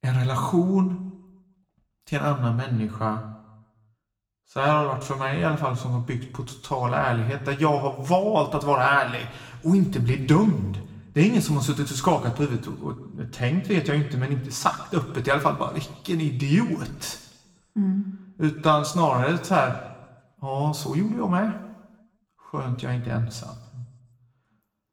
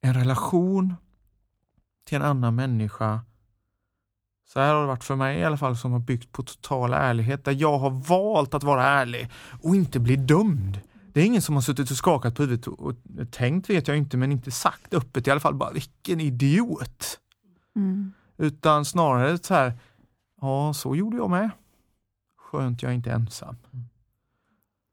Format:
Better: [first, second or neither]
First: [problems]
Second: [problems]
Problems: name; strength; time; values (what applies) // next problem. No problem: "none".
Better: second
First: room echo; very slight; dies away in 0.9 s // off-mic speech; somewhat distant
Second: none